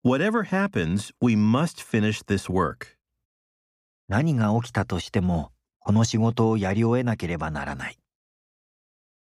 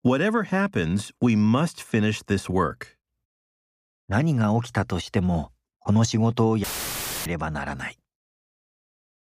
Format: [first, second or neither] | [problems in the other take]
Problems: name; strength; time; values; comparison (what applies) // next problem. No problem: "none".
first | audio cutting out; filled with static; at 6.5 s for 0.5 s